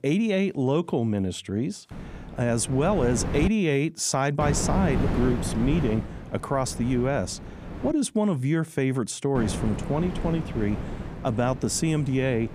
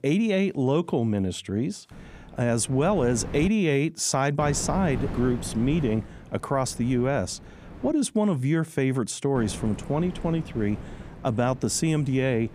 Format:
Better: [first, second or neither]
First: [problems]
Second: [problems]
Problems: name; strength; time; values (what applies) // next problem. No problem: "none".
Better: second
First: wind noise on the microphone; heavy; from 2 to 3.5 s, from 4.5 to 8 s and from 9.5 s on; 9 dB below the speech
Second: wind noise on the microphone; occasional gusts; from 2 to 3.5 s, from 4.5 to 8 s and from 9.5 s on; 15 dB below the speech